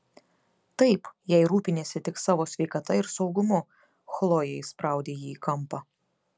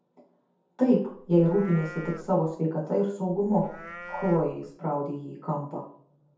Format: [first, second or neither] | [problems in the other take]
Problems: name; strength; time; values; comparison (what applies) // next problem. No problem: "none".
first | background sound (Livestock, farm animals, working animals); 16 dB below the speech // room echo; dies away in 0.6 s